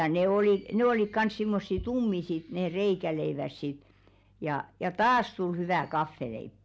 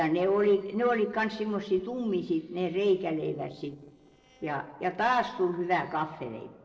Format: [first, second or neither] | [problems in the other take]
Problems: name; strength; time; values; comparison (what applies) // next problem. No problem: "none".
first | noise reduction (neural separator model SepFormer DNS4)